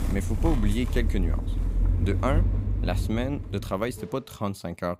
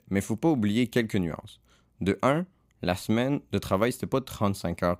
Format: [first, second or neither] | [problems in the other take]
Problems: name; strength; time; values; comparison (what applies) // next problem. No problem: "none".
second | traffic noise; very loud; until 3.5 s; 2 dB above the speech